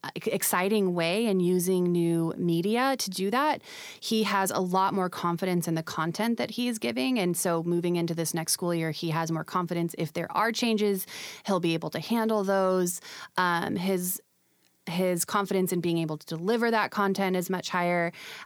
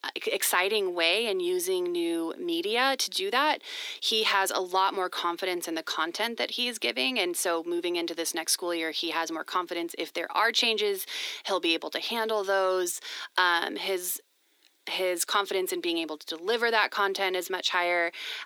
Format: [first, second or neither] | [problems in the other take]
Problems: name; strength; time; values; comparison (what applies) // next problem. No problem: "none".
first | thin; very; fading below 300 Hz